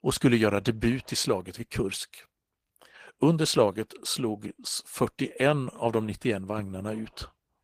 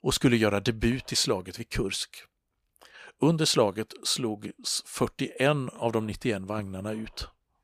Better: second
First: garbled, watery; slightly; nothing above 15 kHz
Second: none

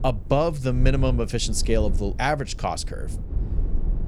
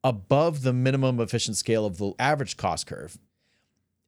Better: second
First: low rumble; noticeable; throughout; 20 dB below the speech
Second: none

